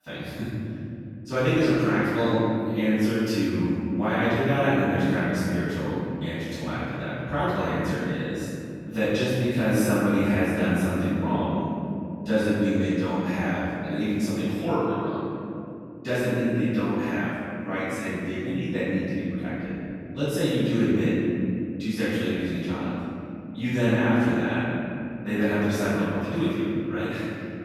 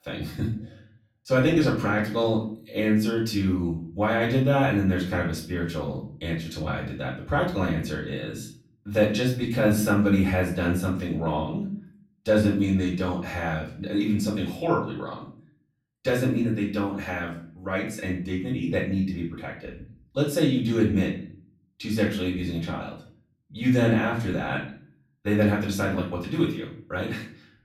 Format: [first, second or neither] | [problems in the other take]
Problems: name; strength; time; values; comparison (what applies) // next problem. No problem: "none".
second | room echo; strong; dies away in 3 s; slight in the second // off-mic speech; far; far in the second